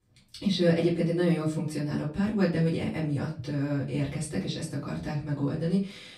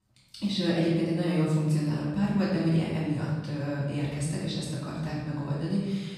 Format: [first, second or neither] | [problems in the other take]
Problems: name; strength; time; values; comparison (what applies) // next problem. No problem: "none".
first | room echo; strong; dies away in 1.1 s; slight in the first // off-mic speech; far; far in the first